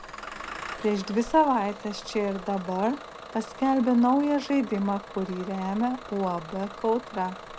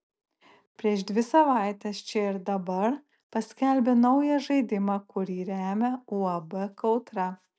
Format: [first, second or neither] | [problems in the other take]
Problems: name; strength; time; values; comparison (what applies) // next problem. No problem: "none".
second | background sound (Engine starting / Bus); 14 dB below the speech